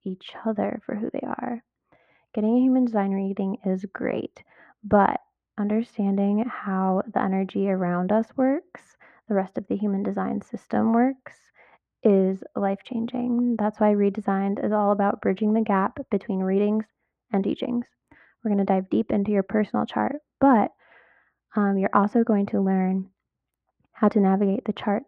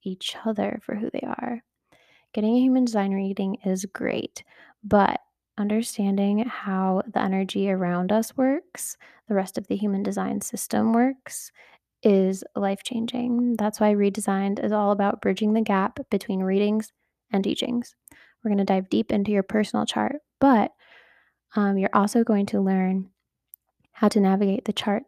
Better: second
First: muffled; very; fading above 1.5 kHz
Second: none

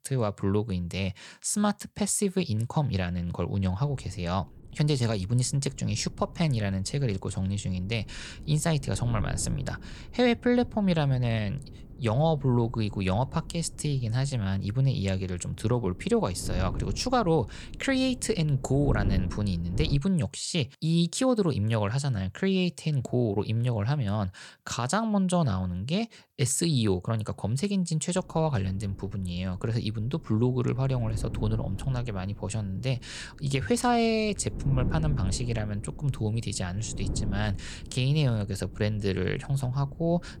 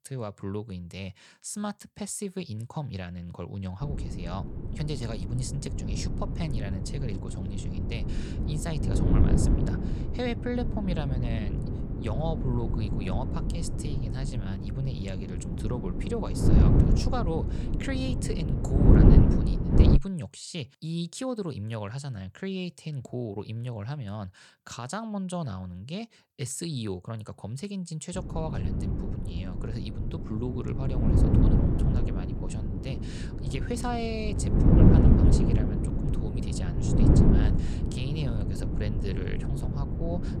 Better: first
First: wind noise on the microphone; occasional gusts; from 4 to 20 s and from 28 s on; 20 dB below the speech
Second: wind noise on the microphone; heavy; from 4 to 20 s and from 28 s on; 3 dB above the speech

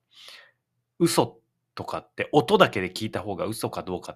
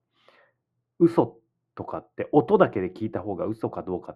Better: first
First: none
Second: muffled; very; fading above 2.5 kHz

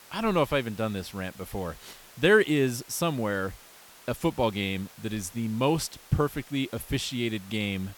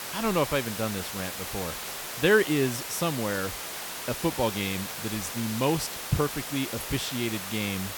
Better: first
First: hiss; faint; throughout; 20 dB below the speech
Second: hiss; loud; throughout; 5 dB below the speech

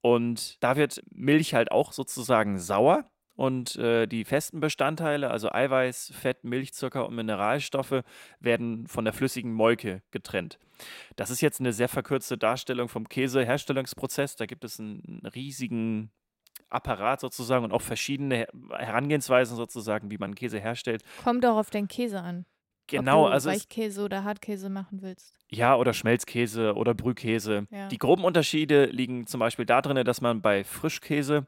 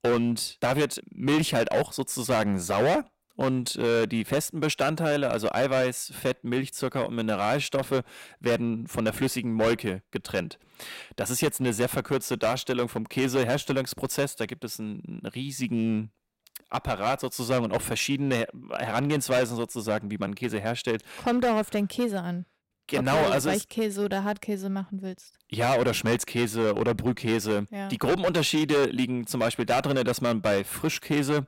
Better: first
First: none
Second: distortion; heavy; 9% of the sound clipped

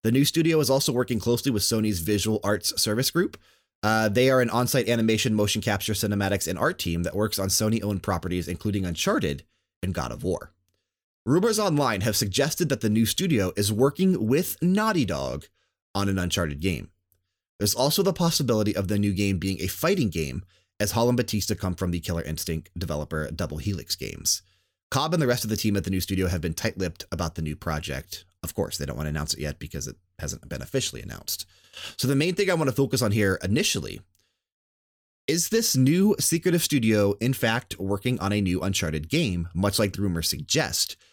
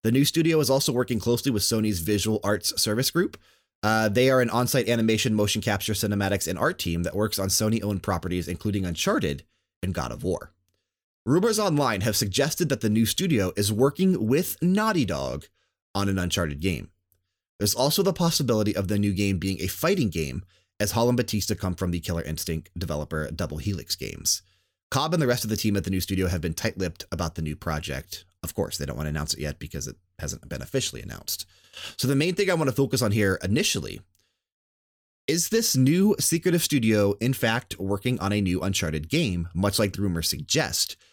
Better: neither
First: none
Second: none

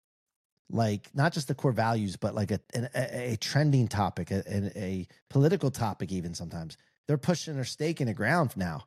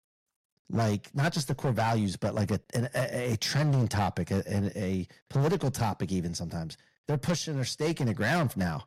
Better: first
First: none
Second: distortion; heavy; 10% of the sound clipped

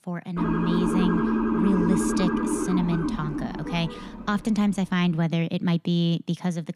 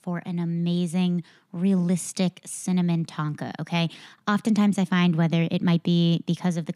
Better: second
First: siren; loud; until 4.5 s; peak 3 dB above the speech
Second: none

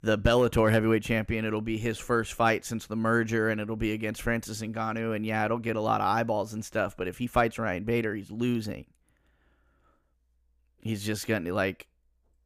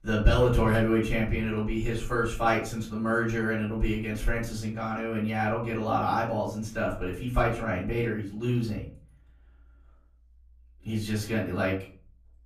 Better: first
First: none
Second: off-mic speech; far // room echo; slight; dies away in 0.4 s

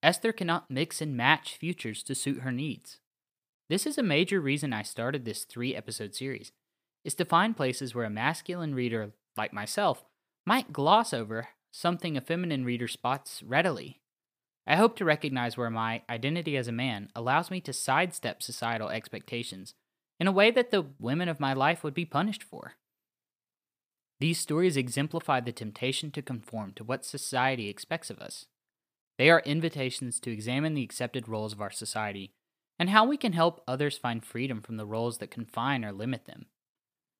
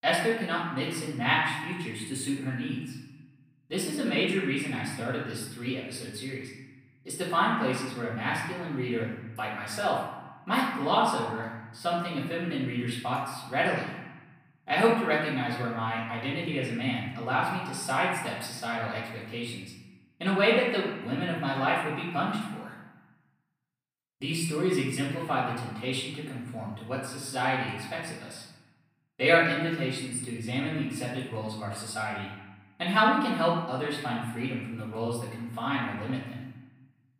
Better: first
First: none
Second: off-mic speech; far // room echo; noticeable; dies away in 1 s

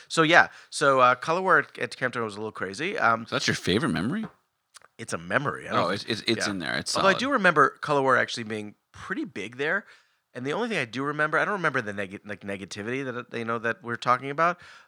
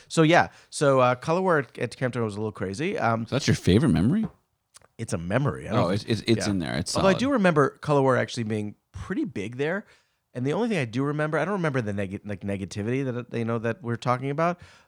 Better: second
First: thin; somewhat; fading below 300 Hz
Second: none

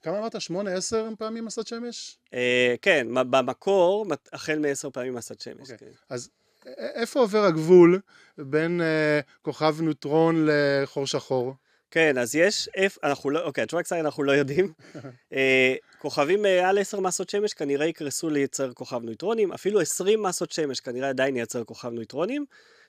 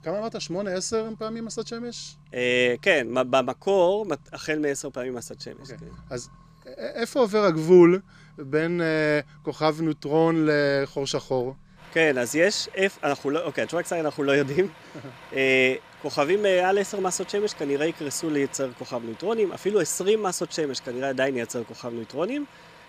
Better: first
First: none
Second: traffic noise; faint; throughout; 25 dB below the speech

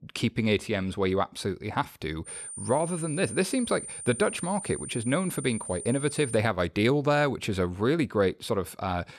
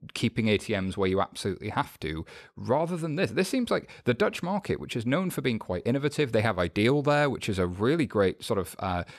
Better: second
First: high-pitched whine; loud; from 2.5 to 6.5 s; 9 kHz, 9 dB below the speech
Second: none

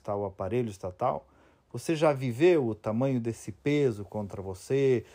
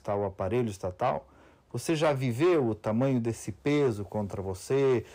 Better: first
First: none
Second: distortion; slight; 10 dB below the speech

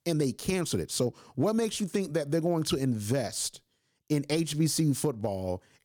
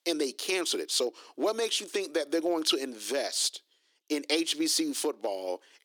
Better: first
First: none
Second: thin; somewhat; fading below 300 Hz

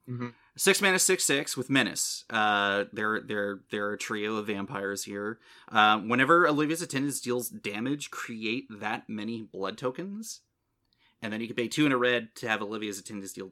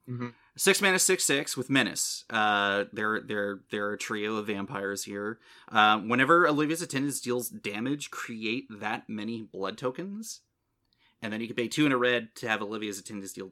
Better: neither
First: none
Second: none

